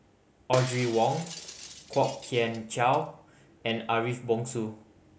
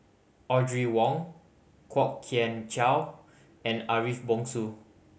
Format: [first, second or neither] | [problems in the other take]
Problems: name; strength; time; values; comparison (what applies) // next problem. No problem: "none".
second | background sound (Shatter); 13 dB below the speech